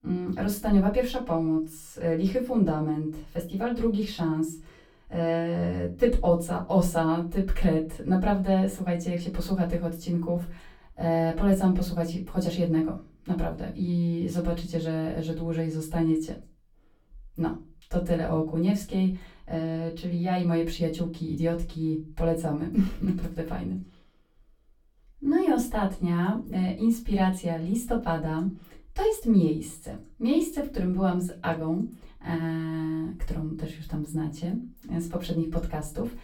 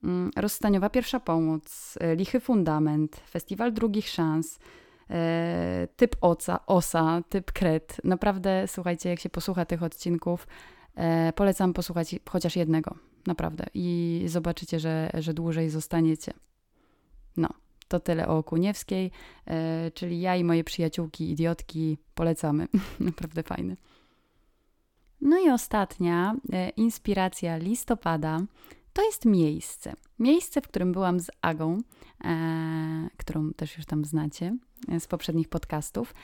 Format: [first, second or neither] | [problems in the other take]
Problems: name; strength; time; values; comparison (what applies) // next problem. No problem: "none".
second | off-mic speech; far // room echo; very slight; dies away in 0.2 s